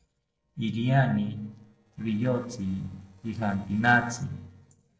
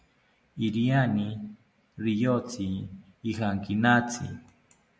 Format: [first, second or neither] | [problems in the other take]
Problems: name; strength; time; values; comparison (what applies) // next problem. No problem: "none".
second | noise reduction (neural separator model SepFormer DNS4)